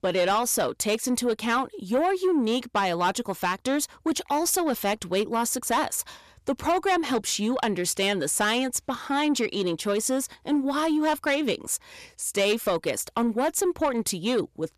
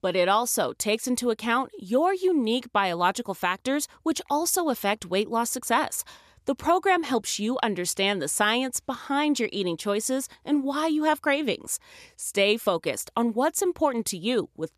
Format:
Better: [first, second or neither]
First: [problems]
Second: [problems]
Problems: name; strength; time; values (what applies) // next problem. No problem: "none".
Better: second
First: distortion; slight; 10 dB below the speech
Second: none